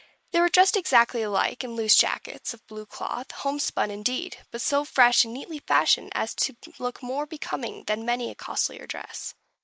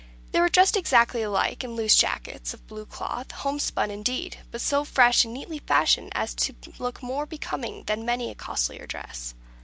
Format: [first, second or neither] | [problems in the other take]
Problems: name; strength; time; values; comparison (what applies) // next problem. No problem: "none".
second | noise reduction (neural mask model Resemble Enhance denoiser)